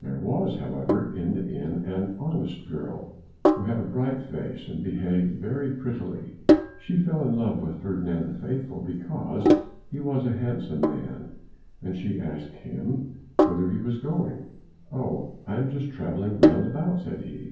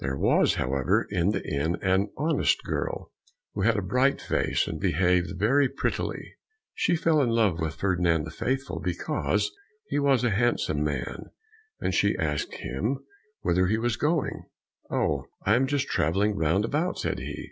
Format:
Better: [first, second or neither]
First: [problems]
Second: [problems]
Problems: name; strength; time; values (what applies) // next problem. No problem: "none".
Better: second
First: background sound (Sink (filling or washing)); 1 dB below the speech // room echo; dies away in 0.9 s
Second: none